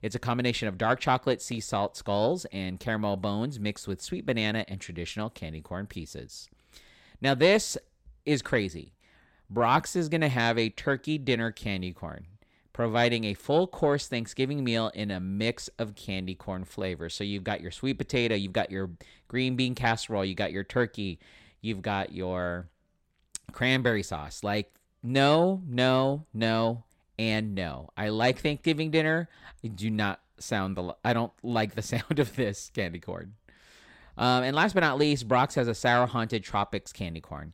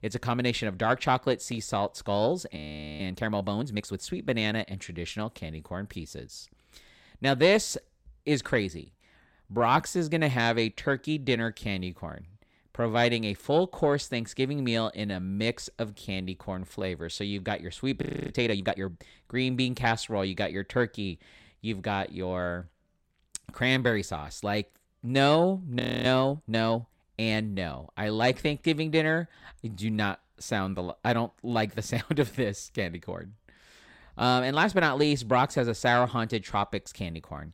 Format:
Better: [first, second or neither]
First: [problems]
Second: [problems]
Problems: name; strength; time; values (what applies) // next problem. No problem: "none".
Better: first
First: none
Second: audio freezing; at 2.5 s, at 18 s and at 26 s